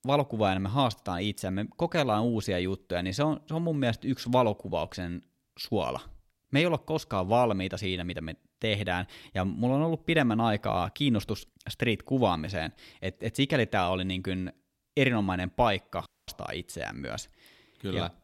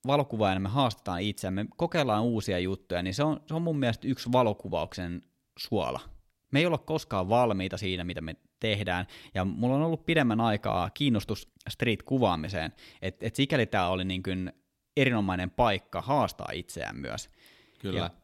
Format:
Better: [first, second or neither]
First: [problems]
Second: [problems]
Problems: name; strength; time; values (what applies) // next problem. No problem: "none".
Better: second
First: audio cutting out; at 16 s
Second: none